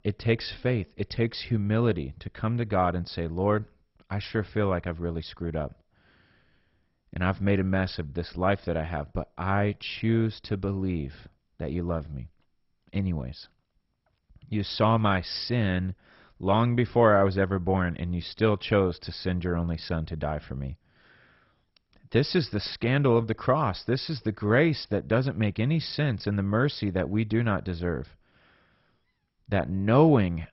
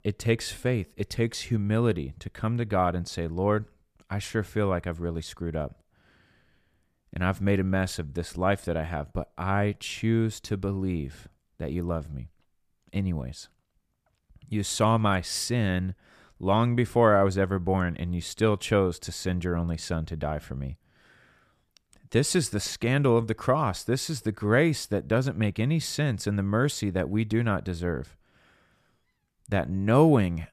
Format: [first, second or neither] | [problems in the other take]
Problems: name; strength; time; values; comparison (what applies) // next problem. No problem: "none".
second | garbled, watery; badly; nothing above 5.5 kHz